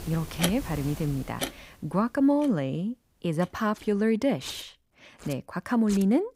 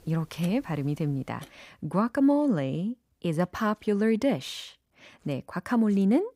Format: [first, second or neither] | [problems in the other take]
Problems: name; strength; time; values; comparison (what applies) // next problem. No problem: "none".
second | household noises; loud; throughout; 9 dB below the speech; faint in the second